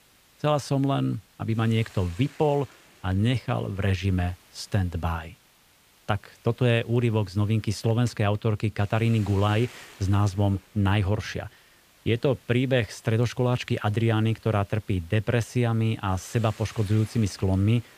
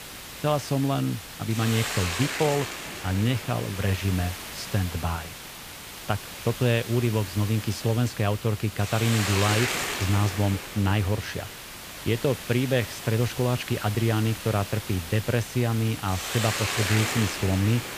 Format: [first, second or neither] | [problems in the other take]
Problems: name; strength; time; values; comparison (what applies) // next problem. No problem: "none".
first | hiss; loud; throughout; 6 dB below the speech; faint in the first